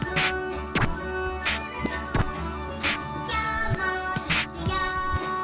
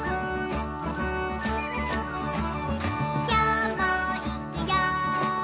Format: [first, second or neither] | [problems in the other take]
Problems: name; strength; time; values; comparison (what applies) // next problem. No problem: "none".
second | background sound (Scratching (performance technique)); 1 dB below the speech // room echo; dies away in 0.8 s